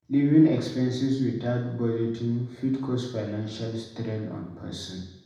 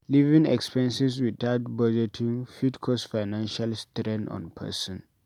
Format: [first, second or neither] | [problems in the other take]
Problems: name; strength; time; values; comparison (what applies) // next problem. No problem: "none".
second | room echo; dies away in 0.8 s